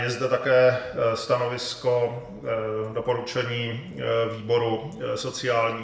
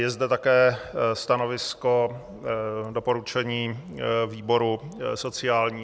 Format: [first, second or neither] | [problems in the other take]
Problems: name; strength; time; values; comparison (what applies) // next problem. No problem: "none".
second | room echo; dies away in 0.7 s